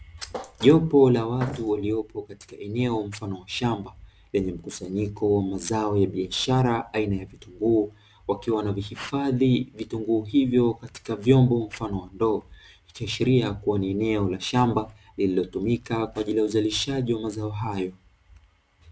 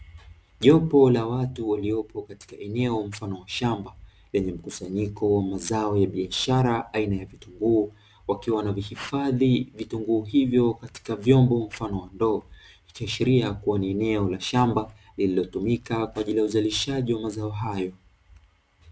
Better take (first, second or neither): second